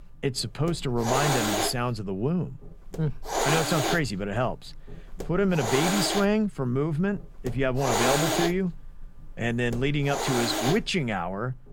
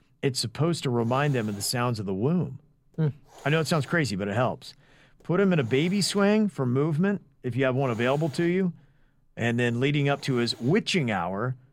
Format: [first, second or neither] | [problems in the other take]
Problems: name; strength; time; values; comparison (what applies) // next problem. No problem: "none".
second | hiss; loud; throughout; 1 dB below the speech; faint in the second